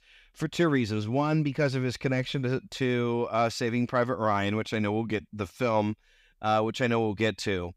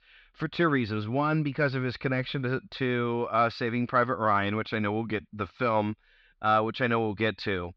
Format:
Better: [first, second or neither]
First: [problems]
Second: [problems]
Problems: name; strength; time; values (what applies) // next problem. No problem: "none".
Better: first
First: none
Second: muffled; very slightly; fading above 4.5 kHz